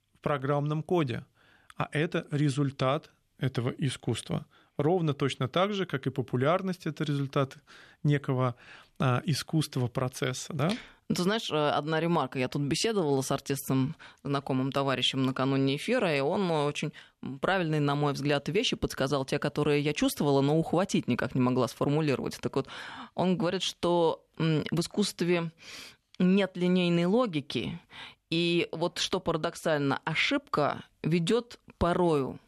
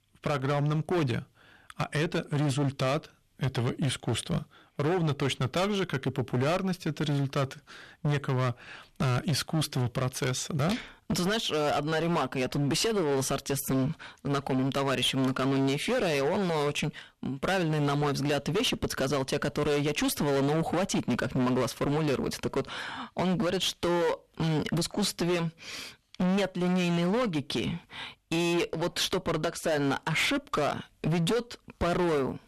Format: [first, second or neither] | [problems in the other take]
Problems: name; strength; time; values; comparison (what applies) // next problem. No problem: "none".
first | distortion; heavy; 21% of the sound clipped